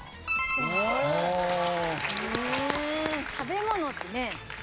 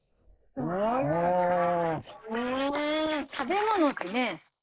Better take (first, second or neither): first